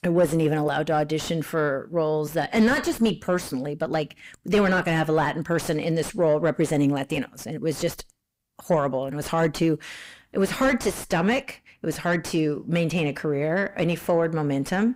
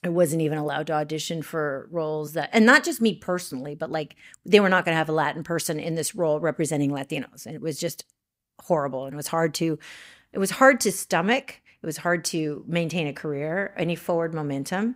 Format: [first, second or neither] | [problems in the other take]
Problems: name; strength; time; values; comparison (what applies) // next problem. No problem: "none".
second | distortion; heavy; 6 dB below the speech